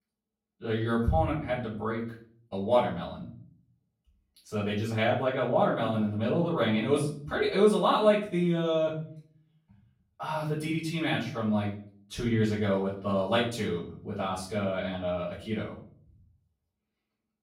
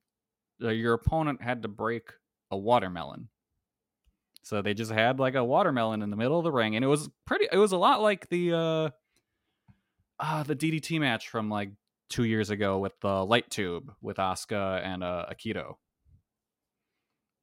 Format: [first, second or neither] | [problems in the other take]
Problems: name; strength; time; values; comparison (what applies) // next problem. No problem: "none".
second | room echo; noticeable; dies away in 0.5 s // off-mic speech; far